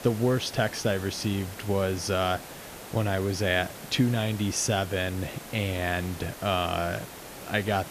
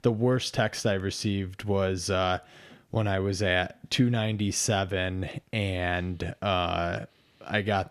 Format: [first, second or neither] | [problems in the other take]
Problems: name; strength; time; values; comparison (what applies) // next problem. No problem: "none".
second | hiss; noticeable; throughout; 15 dB below the speech